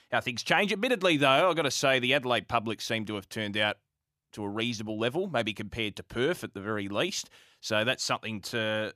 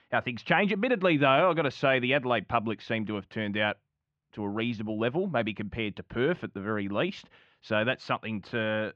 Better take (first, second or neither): first